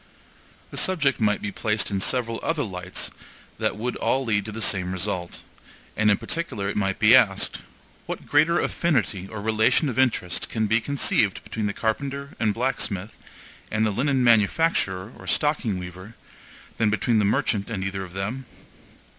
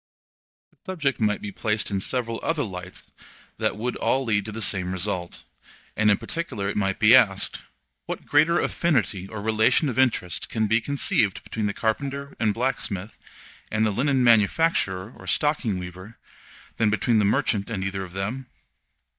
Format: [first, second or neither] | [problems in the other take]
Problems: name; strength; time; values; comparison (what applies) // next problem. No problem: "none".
first | noise reduction (neural mask model DeepFilterNet 3)